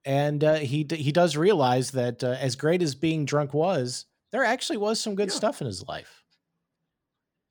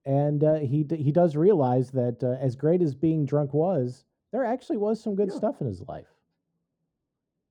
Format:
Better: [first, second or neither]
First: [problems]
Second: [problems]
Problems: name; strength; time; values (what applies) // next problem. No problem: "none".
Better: first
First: none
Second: muffled; very; fading above 1 kHz